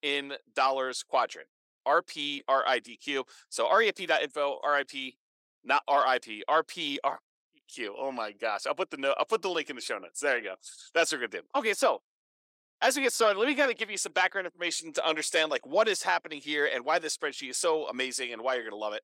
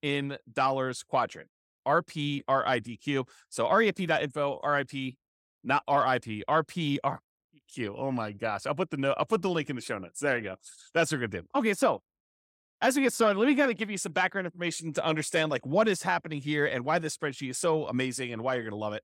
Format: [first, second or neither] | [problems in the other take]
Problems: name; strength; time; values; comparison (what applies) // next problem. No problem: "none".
second | thin; somewhat; fading below 350 Hz